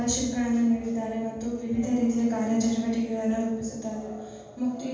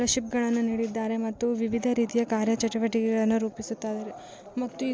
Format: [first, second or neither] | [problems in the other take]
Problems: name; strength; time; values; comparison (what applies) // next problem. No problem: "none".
second | room echo; dies away in 1.2 s